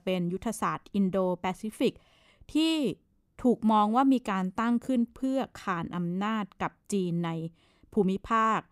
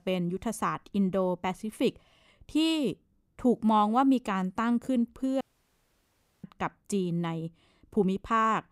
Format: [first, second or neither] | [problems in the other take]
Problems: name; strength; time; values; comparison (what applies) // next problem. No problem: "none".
first | audio cutting out; at 5.5 s for 1 s